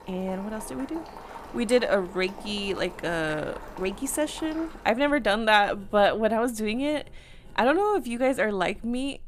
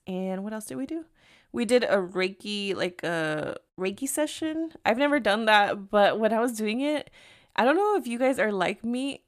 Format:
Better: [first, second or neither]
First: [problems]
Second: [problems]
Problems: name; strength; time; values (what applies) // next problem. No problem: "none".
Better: second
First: household noises; noticeable; throughout; 20 dB below the speech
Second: none